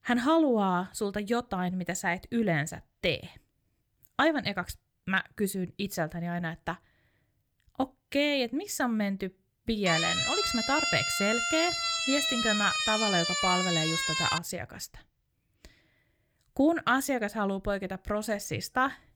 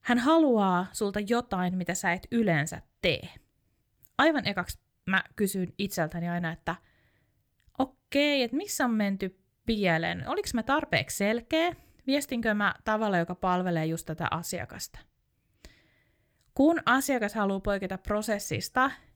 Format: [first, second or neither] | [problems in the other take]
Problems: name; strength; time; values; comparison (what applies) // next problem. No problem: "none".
second | siren; loud; from 10 to 14 s; peak 3 dB above the speech